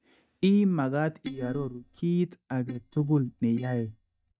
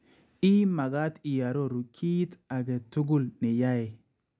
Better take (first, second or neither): second